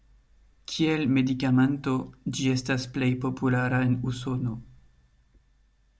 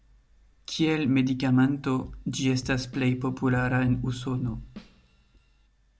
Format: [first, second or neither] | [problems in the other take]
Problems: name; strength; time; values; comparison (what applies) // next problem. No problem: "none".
first | background sound (Drum kit); 18 dB below the speech